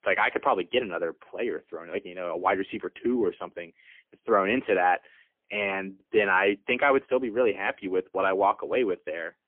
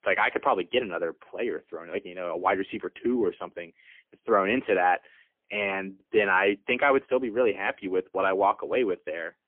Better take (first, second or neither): neither